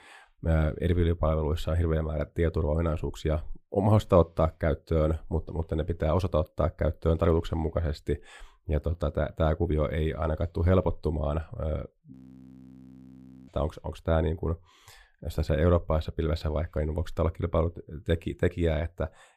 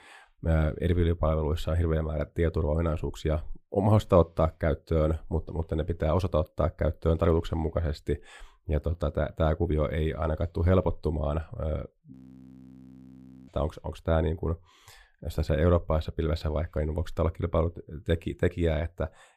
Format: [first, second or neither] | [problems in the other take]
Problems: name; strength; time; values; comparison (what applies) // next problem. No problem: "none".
neither | audio freezing; at 12 s for 1.5 s; the same in both